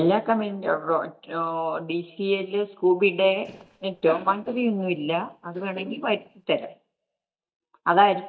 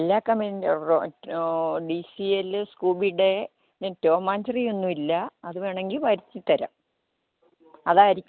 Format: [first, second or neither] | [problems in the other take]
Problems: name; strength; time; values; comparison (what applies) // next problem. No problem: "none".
second | noise reduction (neural mask model DeepFilterNet 3)